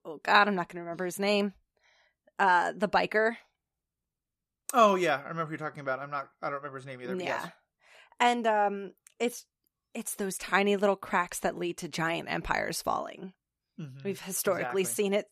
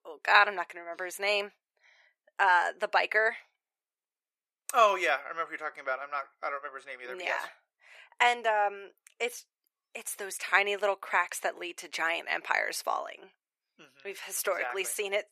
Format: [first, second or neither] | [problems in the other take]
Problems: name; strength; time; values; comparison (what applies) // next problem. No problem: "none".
first | thin; very; fading below 450 Hz